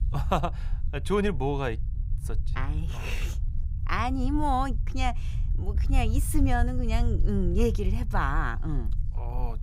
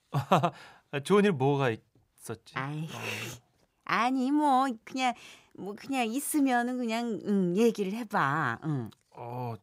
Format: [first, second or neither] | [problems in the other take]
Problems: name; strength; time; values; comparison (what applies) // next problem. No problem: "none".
second | low rumble; noticeable; throughout; 20 dB below the speech